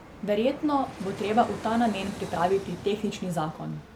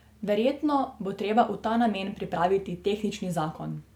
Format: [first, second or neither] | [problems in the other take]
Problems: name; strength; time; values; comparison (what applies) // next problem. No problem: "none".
second | background sound (Fixed-wing aircraft, airplane); 14 dB below the speech